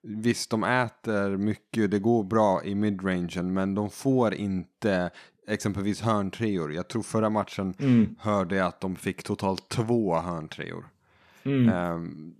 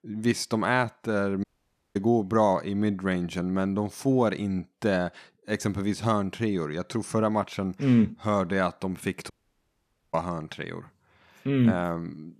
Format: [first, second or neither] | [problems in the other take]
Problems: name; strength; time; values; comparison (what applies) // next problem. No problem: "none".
first | audio cutting out; at 1.5 s for 0.5 s and at 9.5 s for 1 s